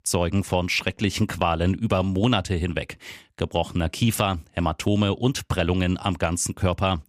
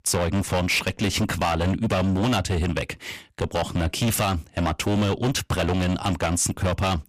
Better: first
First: none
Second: distortion; heavy; 18% of the sound clipped

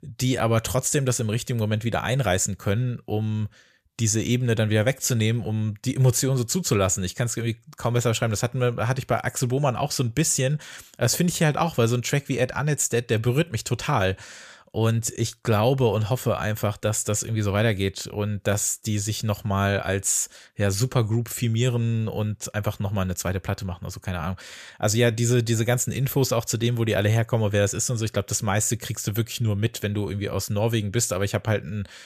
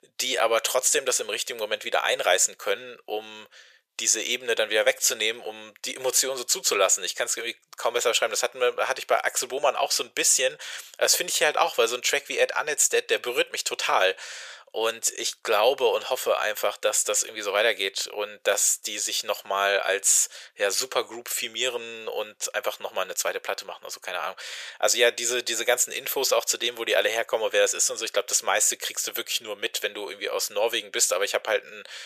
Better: first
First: none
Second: thin; very; fading below 500 Hz

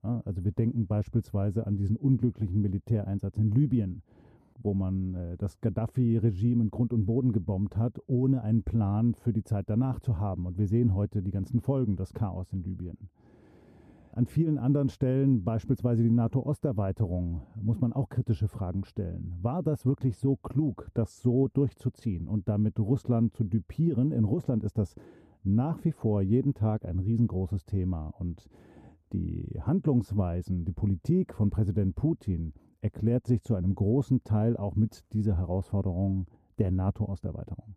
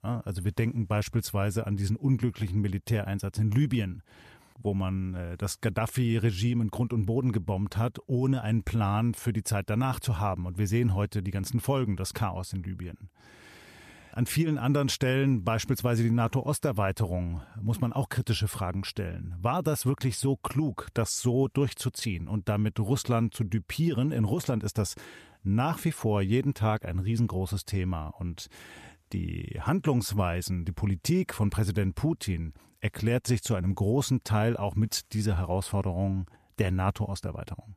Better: second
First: muffled; very; fading above 1 kHz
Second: none

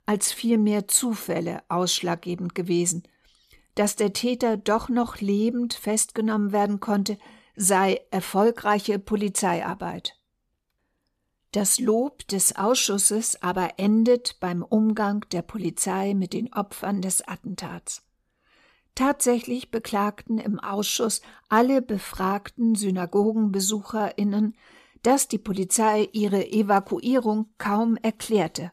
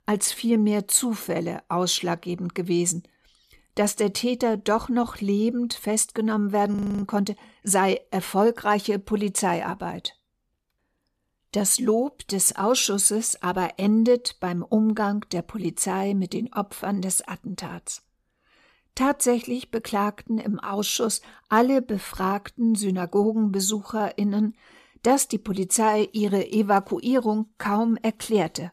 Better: first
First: none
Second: audio freezing; at 7 s

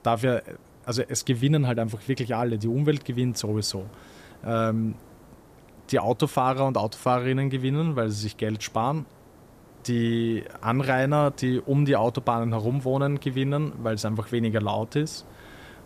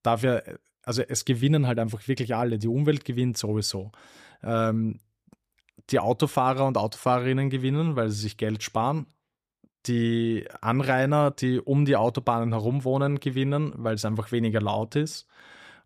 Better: second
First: hiss; faint; throughout; 25 dB below the speech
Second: none

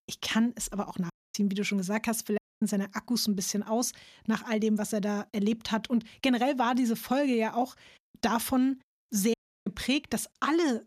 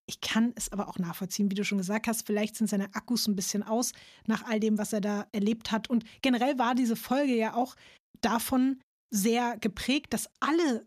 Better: second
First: audio cutting out; at 1 s, at 2.5 s and at 9.5 s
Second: none

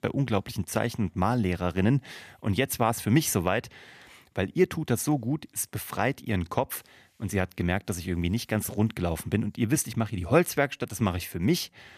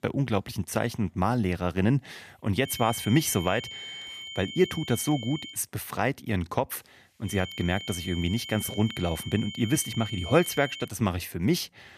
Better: first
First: none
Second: high-pitched whine; loud; from 2.5 to 5.5 s and from 7.5 to 11 s; 3 kHz, 10 dB below the speech

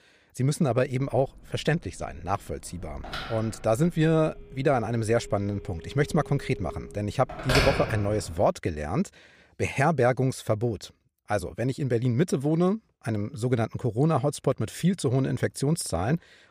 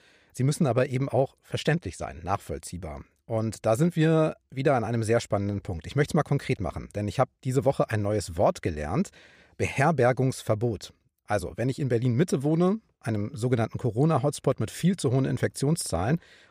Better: second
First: phone ringing; loud; from 3 to 8 s; peak 3 dB above the speech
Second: none

